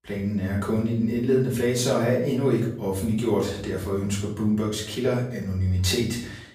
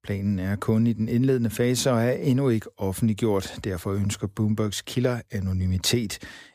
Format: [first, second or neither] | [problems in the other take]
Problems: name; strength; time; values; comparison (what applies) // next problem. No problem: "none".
second | room echo; noticeable; dies away in 0.5 s // off-mic speech; far